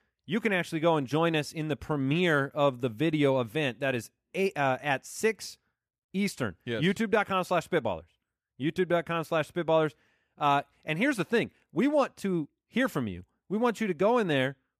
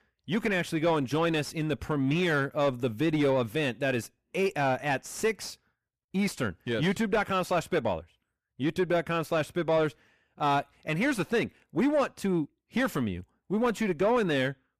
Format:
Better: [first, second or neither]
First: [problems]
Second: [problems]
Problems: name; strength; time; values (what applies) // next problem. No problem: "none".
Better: first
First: none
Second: distortion; slight; 10 dB below the speech